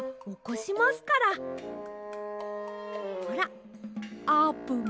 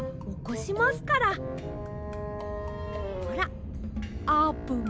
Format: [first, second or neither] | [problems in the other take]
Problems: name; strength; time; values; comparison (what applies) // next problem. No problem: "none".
first | background sound (Aircraft); 7 dB below the speech